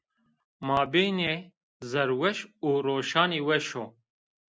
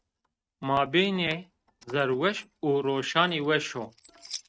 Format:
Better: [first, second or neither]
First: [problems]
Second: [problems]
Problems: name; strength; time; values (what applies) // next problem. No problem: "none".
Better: first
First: none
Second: noise reduction (neural mask model RNNoise)